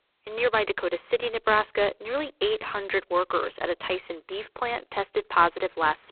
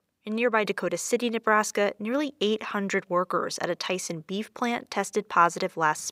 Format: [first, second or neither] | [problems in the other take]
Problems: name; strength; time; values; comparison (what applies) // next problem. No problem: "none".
second | phone-call audio; poor line; nothing above 4 kHz